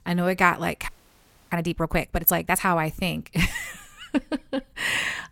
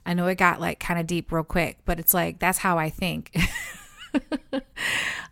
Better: second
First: audio freezing; at 1 s for 0.5 s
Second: none

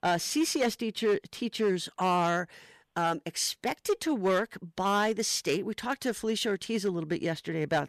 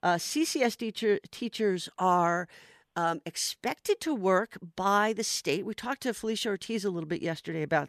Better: second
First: distortion; slight; 5% of the sound clipped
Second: none

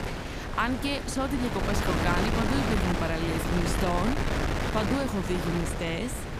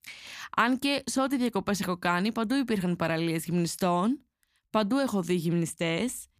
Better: second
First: wind noise on the microphone; heavy; as loud as the speech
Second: none

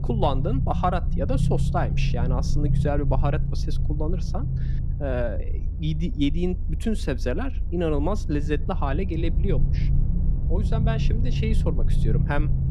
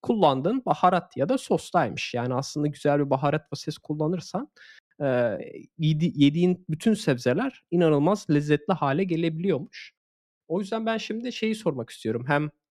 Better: second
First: low rumble; loud; throughout; 9 dB below the speech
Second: none

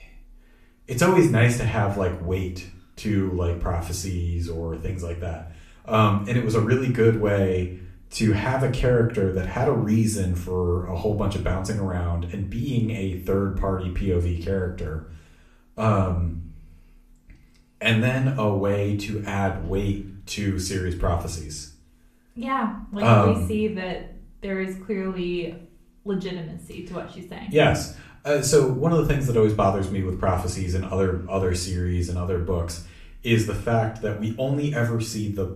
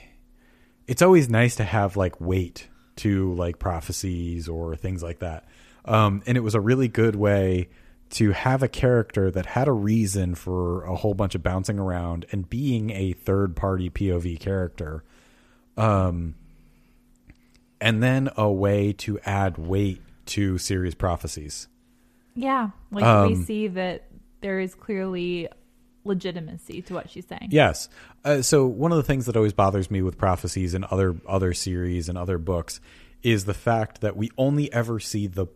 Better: second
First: room echo; slight; dies away in 0.4 s // off-mic speech; far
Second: none

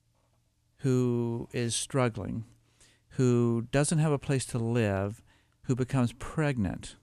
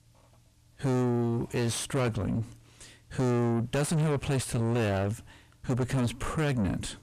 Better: first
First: none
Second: distortion; heavy; 6 dB below the speech

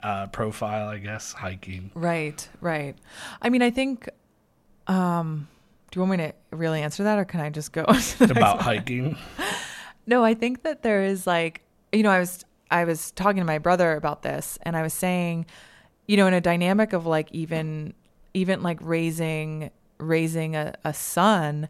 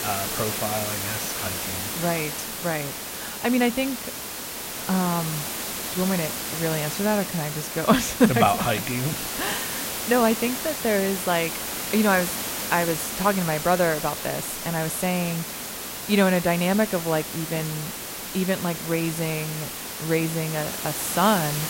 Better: first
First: none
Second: hiss; loud; throughout; 4 dB below the speech

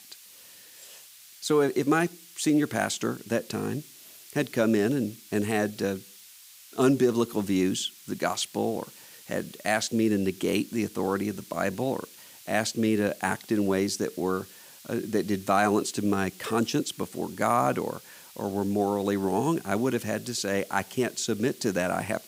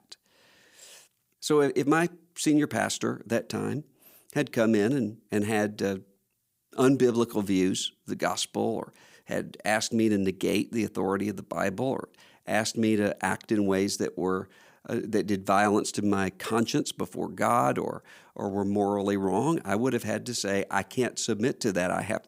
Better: second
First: hiss; noticeable; throughout; 20 dB below the speech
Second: none

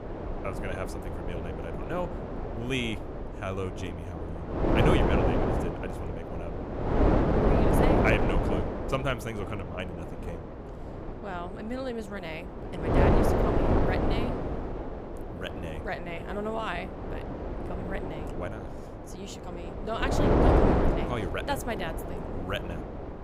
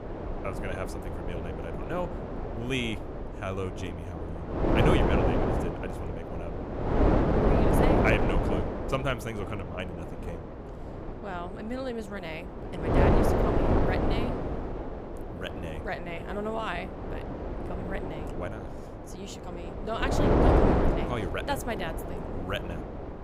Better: neither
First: wind noise on the microphone; heavy; 3 dB above the speech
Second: wind noise on the microphone; heavy; 3 dB above the speech

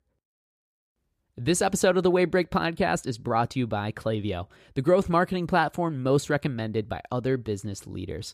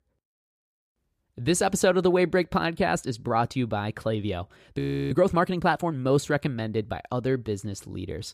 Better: first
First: none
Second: audio freezing; at 5 s

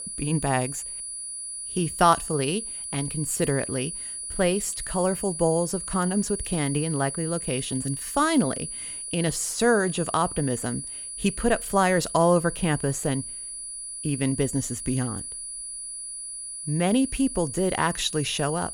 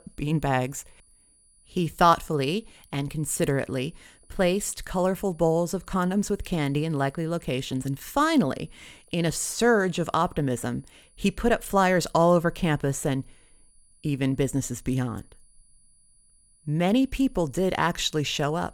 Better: second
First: high-pitched whine; loud; throughout; 10 kHz, 7 dB below the speech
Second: high-pitched whine; faint; throughout; 10 kHz, 35 dB below the speech

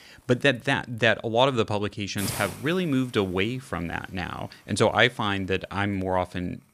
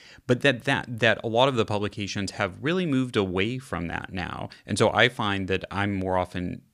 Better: second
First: hiss; very faint; throughout; 10 dB below the speech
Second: none

